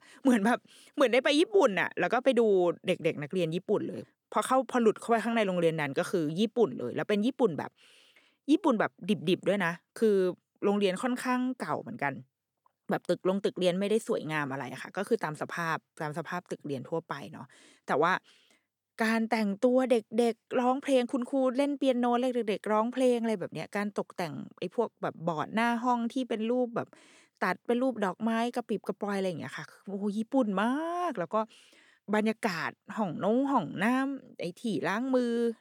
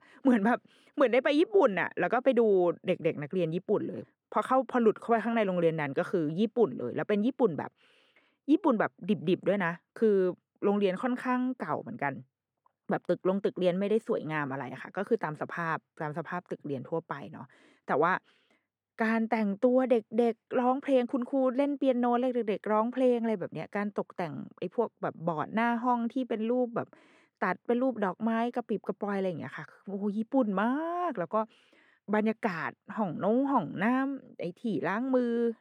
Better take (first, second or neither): first